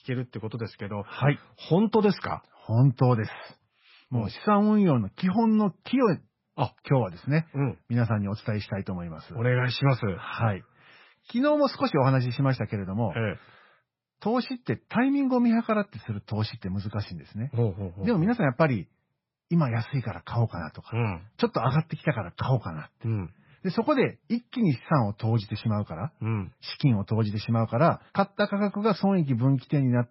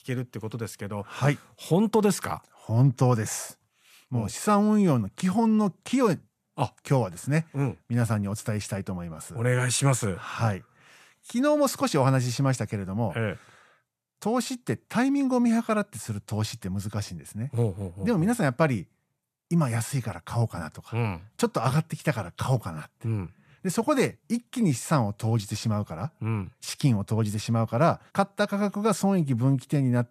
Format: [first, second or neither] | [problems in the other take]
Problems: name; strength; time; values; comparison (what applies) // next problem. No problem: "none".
second | garbled, watery; badly; nothing above 5.5 kHz